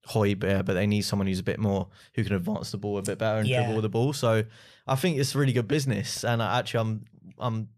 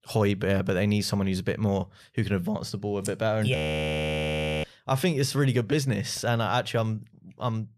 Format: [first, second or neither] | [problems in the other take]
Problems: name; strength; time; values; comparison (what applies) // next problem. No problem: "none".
first | audio freezing; at 3.5 s for 1 s